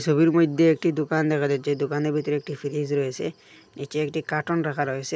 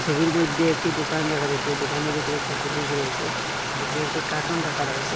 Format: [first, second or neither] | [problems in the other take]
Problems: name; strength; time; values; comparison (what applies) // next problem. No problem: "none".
first | background sound (Stream); as loud as the speech